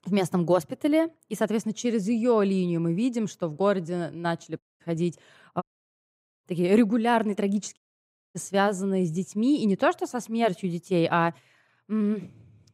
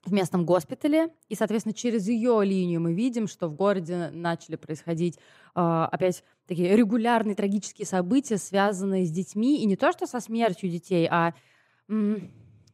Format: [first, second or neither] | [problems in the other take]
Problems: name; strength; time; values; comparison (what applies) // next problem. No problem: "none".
second | audio cutting out; at 4.5 s, at 5.5 s for 1 s and at 8 s for 0.5 s